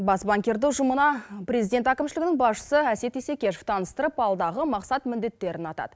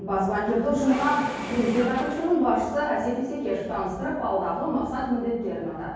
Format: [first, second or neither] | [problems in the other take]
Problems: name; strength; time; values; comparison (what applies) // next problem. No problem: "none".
first | background sound (Engine / Mechanisms); 12 dB below the speech // room echo; dies away in 1.3 s